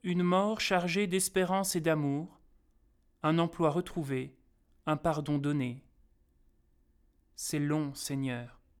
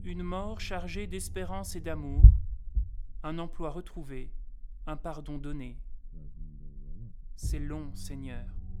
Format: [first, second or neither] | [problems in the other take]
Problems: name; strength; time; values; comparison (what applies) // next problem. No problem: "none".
first | low rumble; loud; throughout; 8 dB below the speech